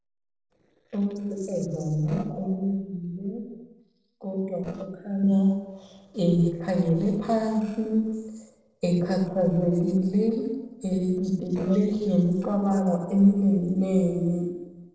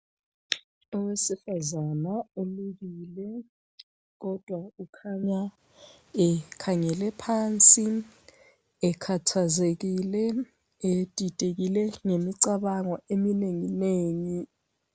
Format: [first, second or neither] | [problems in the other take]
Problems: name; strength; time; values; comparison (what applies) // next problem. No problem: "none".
second | noise reduction (neural separator model SepFormer DNS4)